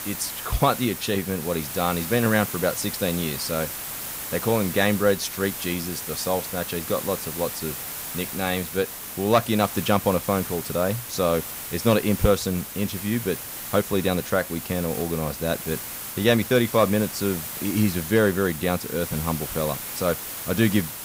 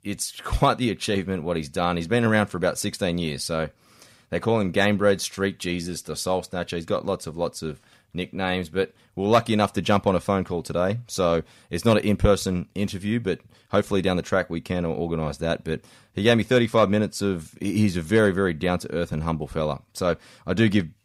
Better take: second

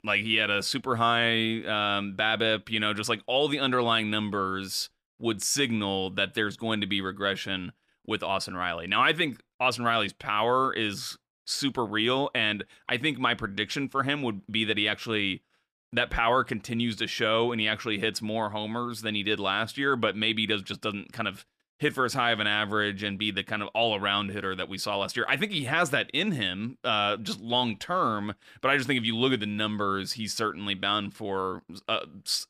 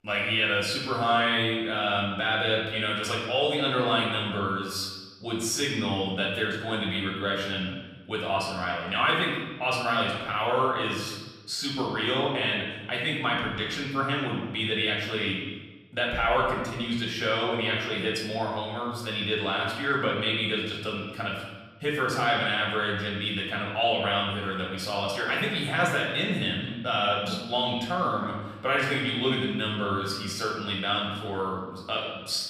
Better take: first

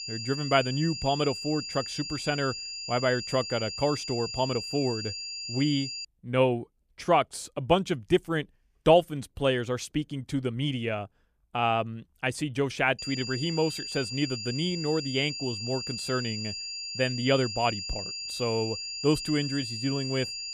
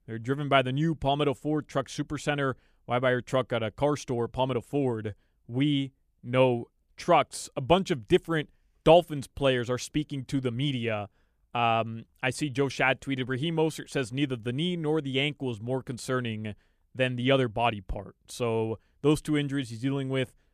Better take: second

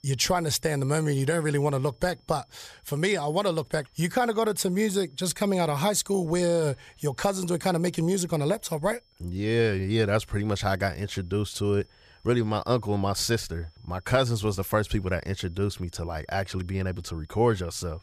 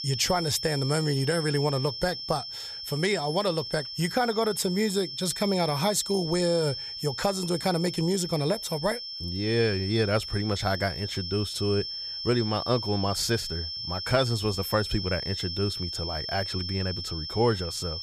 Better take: first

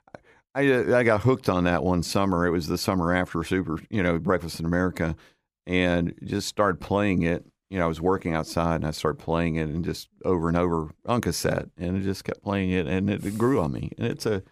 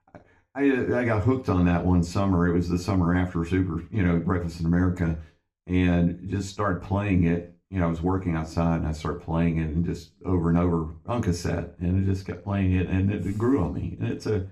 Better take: first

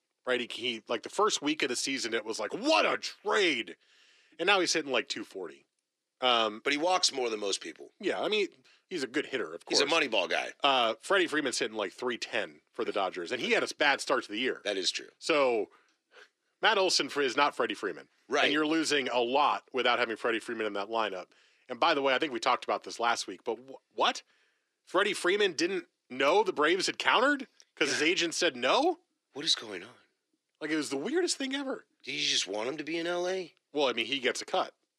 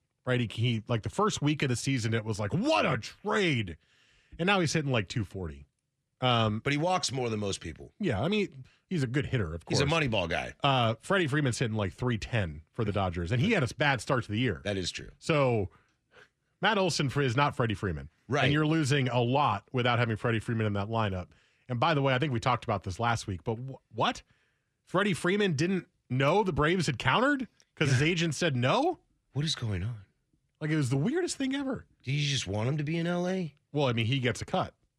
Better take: second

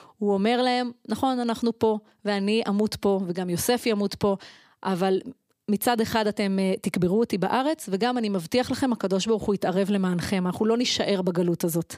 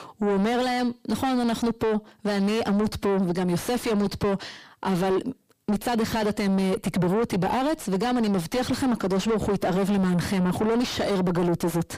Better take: first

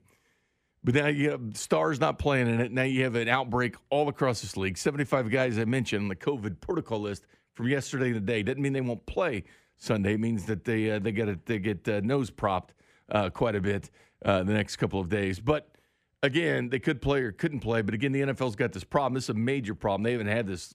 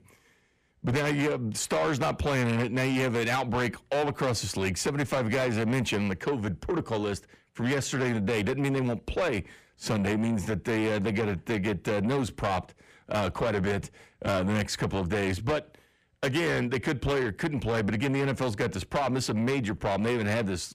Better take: first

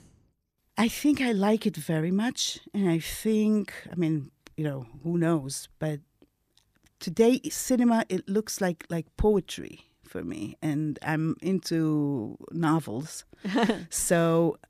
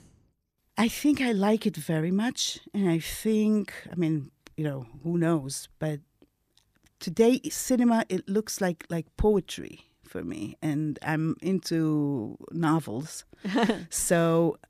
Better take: neither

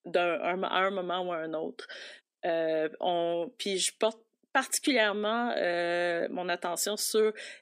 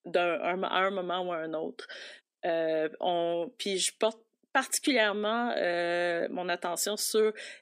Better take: neither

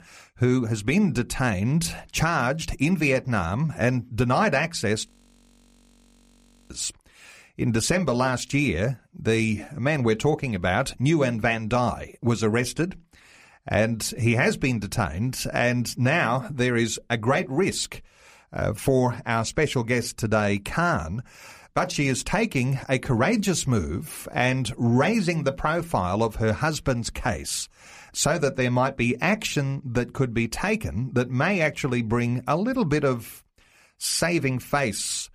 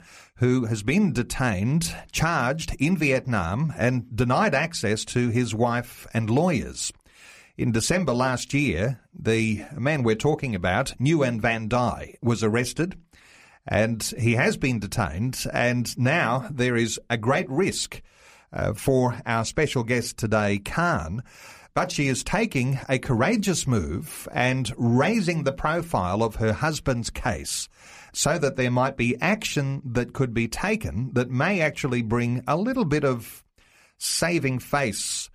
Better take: second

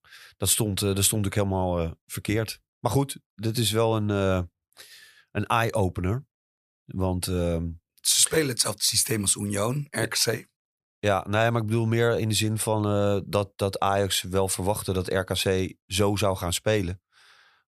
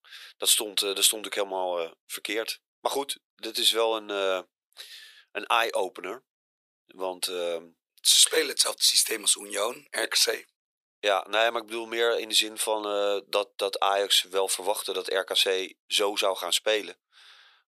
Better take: first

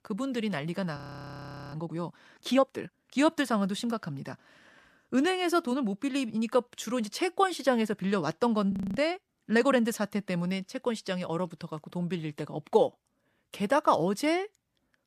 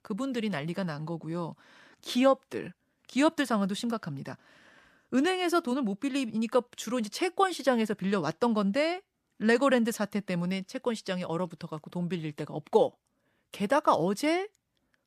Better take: second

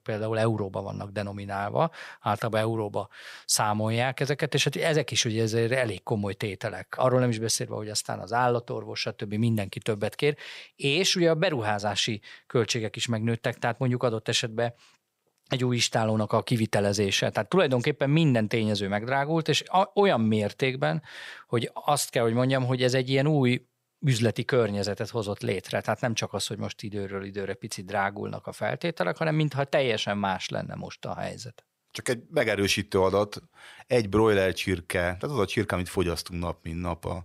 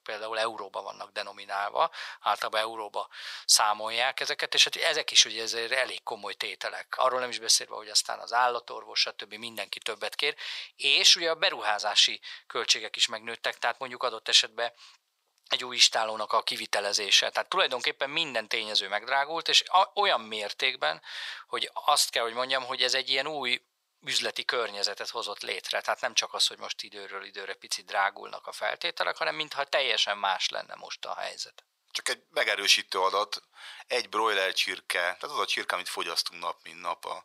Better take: first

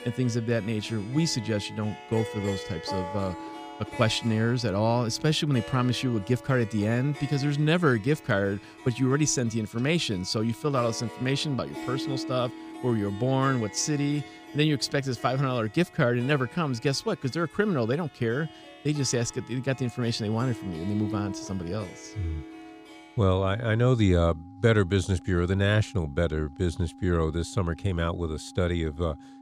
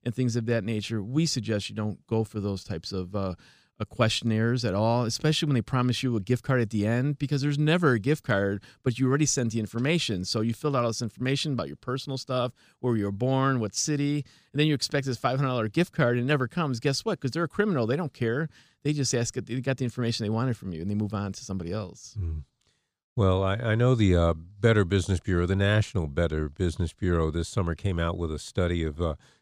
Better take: second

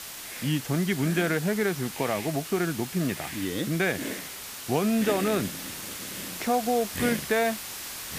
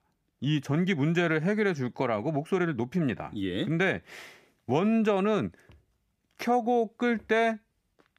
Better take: second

